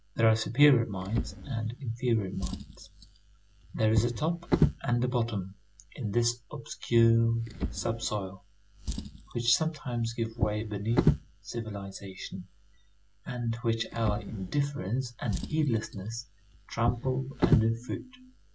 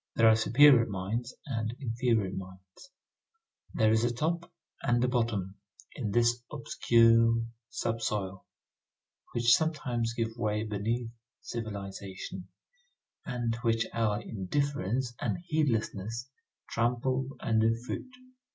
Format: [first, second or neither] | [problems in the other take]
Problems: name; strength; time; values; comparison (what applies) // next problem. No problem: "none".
second | background sound (Drawer open or close); 5 dB below the speech